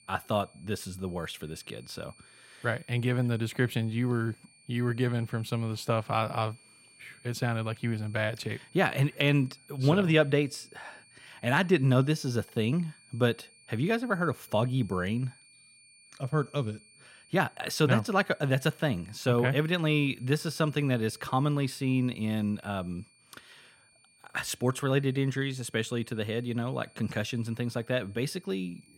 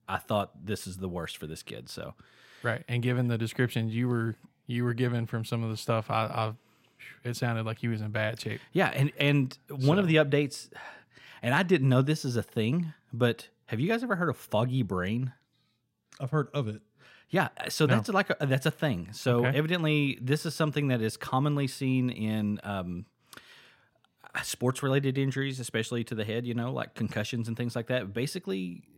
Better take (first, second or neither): second